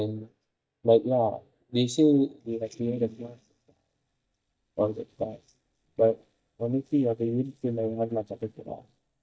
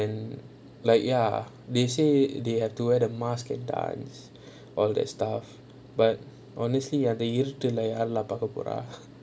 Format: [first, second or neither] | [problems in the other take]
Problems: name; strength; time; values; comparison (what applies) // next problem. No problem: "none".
second | noise reduction (neural mask model DeepFilterNet 3)